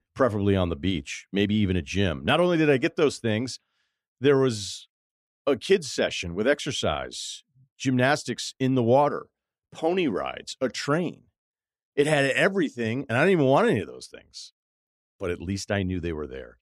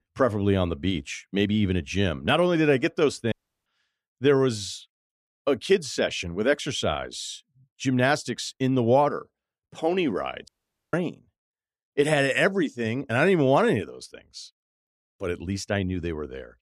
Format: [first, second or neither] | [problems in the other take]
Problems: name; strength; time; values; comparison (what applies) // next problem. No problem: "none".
first | audio cutting out; at 3.5 s and at 10 s